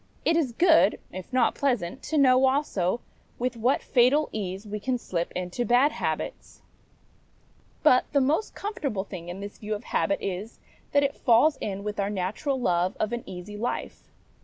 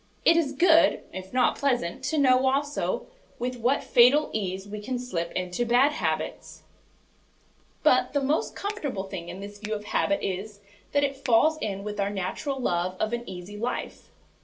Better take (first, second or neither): first